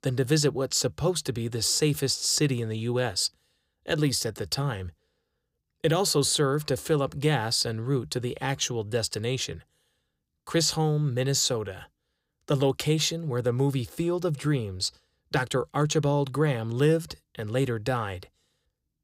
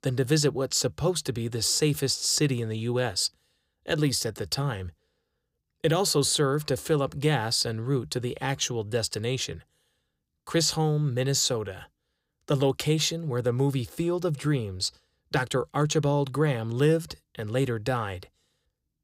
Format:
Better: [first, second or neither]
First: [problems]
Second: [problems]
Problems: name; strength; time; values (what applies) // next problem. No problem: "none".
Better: neither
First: none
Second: none